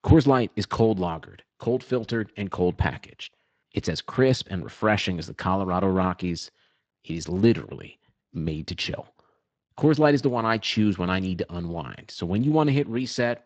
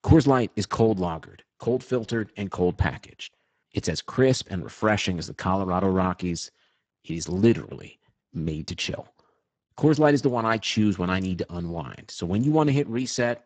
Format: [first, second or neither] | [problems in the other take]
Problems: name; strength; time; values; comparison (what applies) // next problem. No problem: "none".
first | garbled, watery; badly; nothing above 8 kHz; slightly in the first